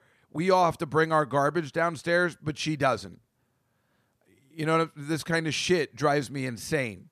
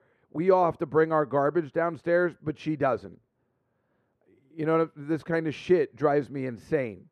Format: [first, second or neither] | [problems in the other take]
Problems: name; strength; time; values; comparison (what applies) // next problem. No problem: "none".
first | muffled; very; fading above 3 kHz